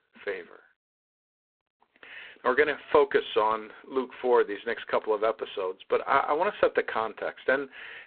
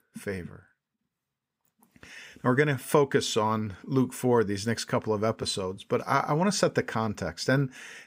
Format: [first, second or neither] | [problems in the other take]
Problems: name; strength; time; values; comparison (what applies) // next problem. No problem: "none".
second | phone-call audio; poor line; nothing above 3.5 kHz